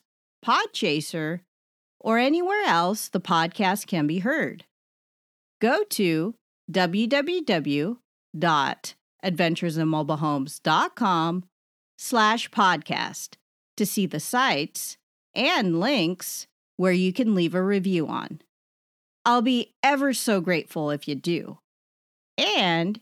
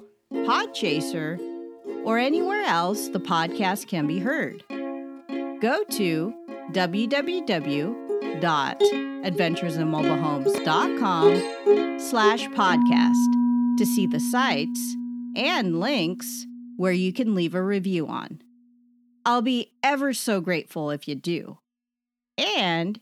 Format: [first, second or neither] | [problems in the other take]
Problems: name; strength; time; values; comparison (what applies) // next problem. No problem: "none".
first | background music; loud; throughout; 2 dB below the speech